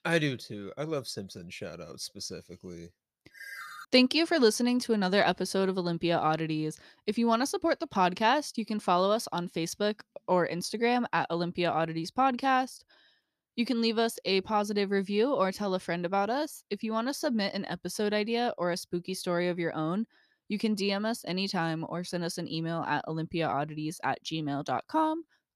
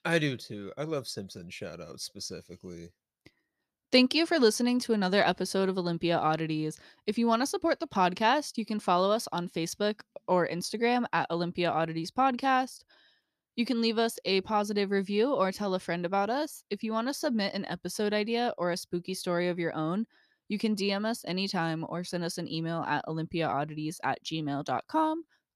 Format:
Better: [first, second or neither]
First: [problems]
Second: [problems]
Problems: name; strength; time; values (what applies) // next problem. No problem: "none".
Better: second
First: phone ringing; faint; at 3.5 s; peak 10 dB below the speech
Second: none